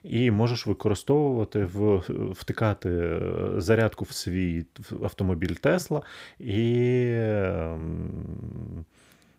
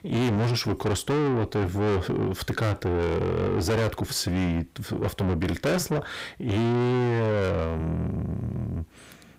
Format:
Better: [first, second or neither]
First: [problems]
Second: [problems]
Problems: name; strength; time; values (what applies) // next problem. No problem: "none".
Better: first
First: none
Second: distortion; heavy; 6 dB below the speech